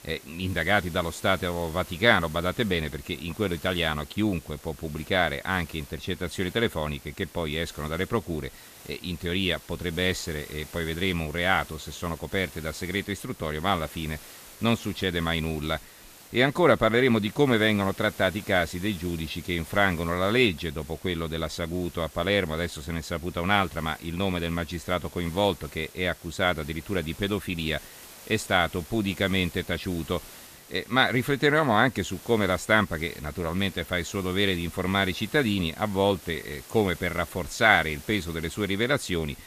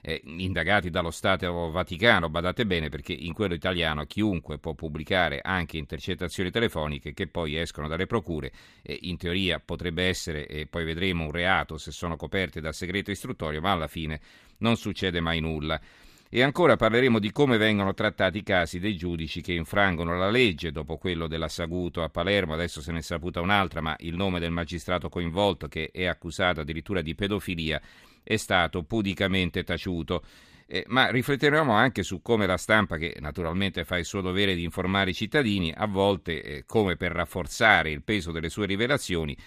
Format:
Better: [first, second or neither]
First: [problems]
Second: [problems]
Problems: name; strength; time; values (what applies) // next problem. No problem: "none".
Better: second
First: hiss; noticeable; throughout; 20 dB below the speech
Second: none